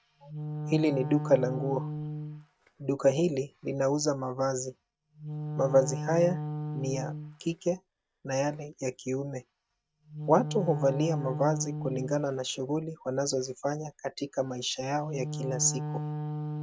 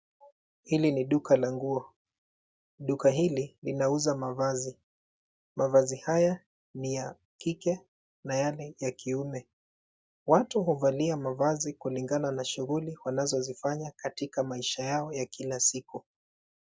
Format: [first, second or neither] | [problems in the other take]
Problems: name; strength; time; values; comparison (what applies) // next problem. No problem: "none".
second | noise reduction (neural mask model RNNoise)